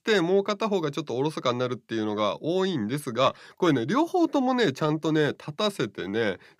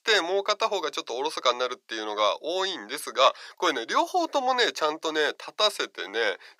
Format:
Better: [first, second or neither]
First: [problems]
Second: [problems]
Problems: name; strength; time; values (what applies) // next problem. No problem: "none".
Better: first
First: none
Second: thin; very; fading below 550 Hz